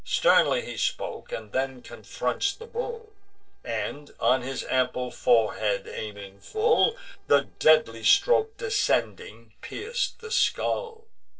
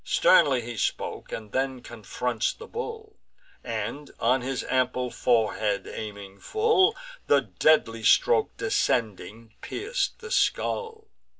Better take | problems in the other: second | noise reduction (neural separator model SepFormer DNS4)

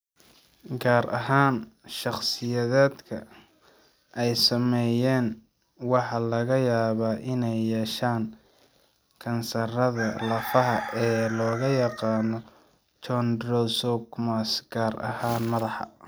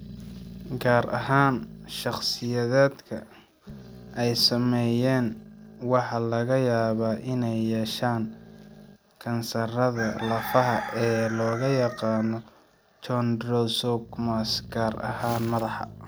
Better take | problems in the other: first | background sound (Growling); 19 dB below the speech

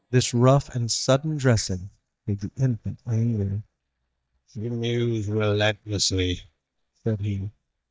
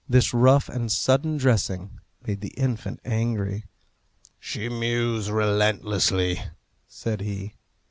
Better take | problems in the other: second | noise reduction (neural mask model DeepFilterNet 3)

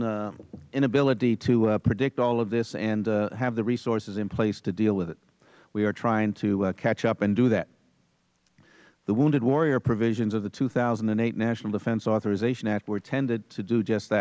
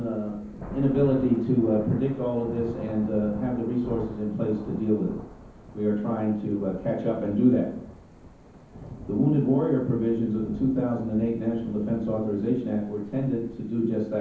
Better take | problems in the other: first | background sound (Thunder / Rain); 16 dB below the speech // room echo; dies away in 0.7 s

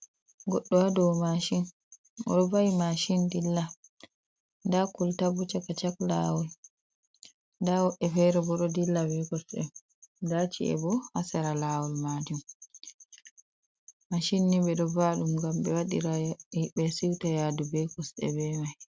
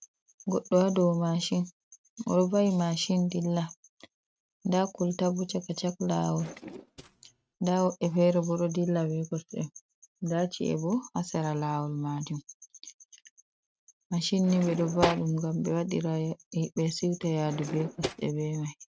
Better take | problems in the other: first | noise reduction (neural mask model RNNoise)

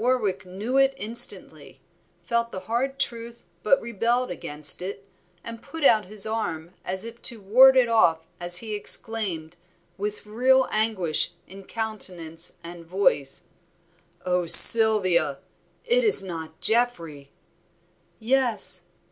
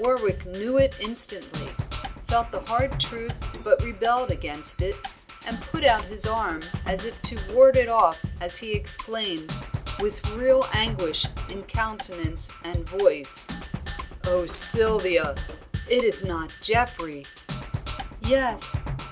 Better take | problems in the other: first | background sound (Percussion); 7 dB below the speech

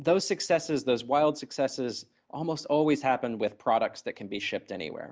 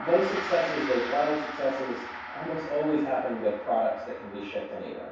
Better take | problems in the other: first | background sound (Gong); 9 dB below the speech // room echo; dies away in 0.7 s

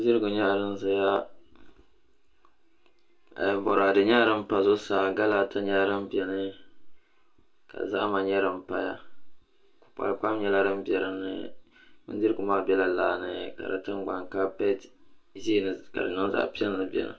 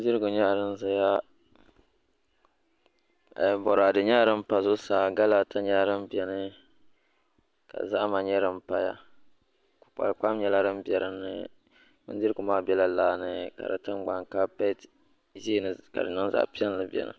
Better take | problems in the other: second | room echo; dies away in 0.2 s

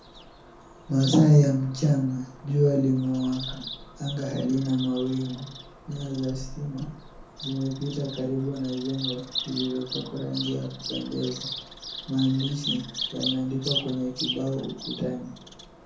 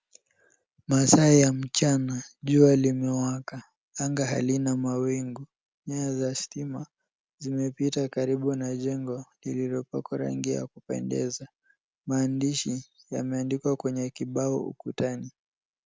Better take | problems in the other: second | background sound (Bird vocalization, bird call, bird song); 11 dB below the speech // room echo; dies away in 0.5 s

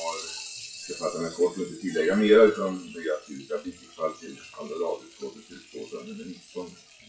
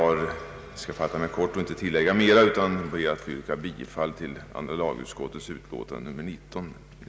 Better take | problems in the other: second | noise reduction (classical method WPE with log-MMSE)

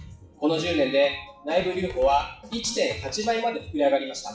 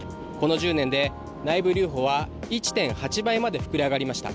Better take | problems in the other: second | noise reduction (classical method WPE with log-MMSE)

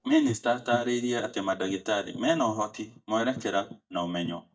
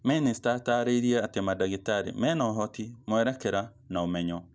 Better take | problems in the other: second | noise reduction (neural mask model DeepFilterNet 3)

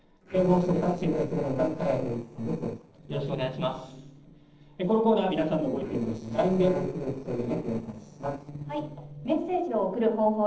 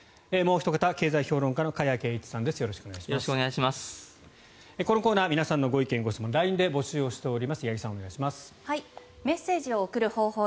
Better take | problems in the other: second | noise reduction (neural separator model SepFormer DNS4)

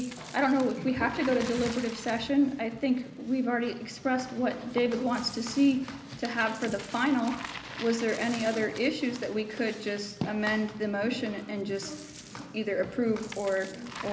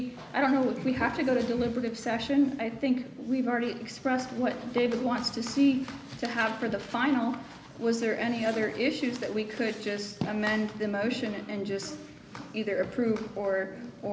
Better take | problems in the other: second | background sound (Bicycle + Coin (dropping)); 17 dB below the speech

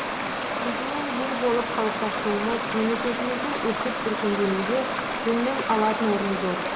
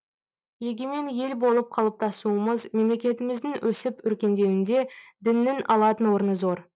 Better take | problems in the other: second | background sound (Stream); 1 dB below the speech // room echo; dies away in 1.3 s

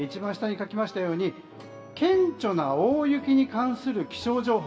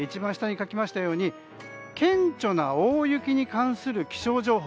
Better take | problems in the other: second | room echo; dies away in 2.9 s

